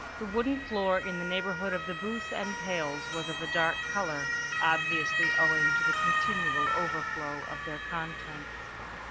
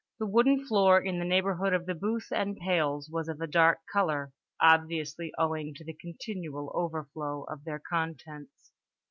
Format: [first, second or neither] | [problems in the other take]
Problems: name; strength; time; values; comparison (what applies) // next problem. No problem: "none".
second | background sound (Motor vehicle (road) / Siren); 2 dB above the speech